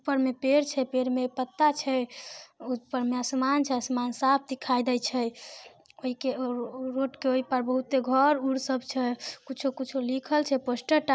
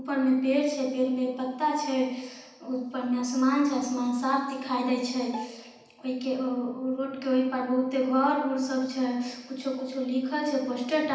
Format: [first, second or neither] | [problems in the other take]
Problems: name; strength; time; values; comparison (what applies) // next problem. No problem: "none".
first | background sound (Bowed string instrument); 17 dB below the speech // room echo; dies away in 0.9 s